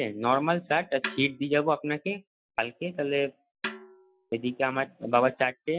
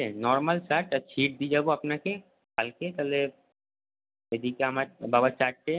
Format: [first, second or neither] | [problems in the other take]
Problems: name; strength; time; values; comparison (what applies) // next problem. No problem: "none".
second | noise reduction (classical method Wiener filter)